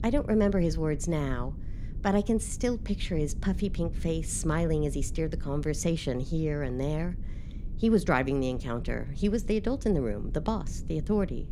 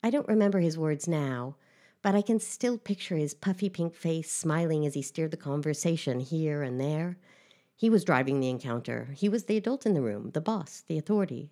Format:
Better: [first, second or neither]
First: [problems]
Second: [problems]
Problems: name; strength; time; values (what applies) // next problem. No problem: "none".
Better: second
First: low rumble; faint; throughout; 20 dB below the speech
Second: none